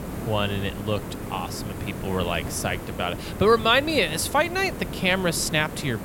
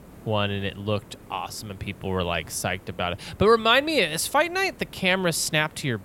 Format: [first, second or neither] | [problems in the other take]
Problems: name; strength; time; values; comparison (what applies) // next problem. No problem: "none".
second | hiss; loud; throughout; 10 dB below the speech; faint in the second